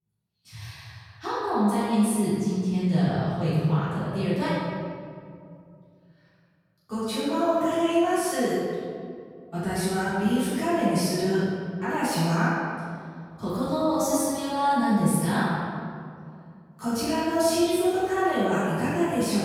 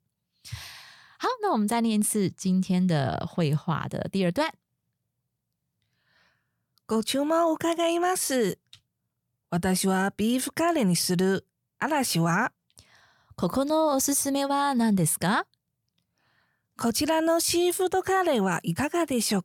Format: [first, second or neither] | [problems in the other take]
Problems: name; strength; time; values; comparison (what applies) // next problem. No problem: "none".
second | off-mic speech; far // room echo; strong; dies away in 2.2 s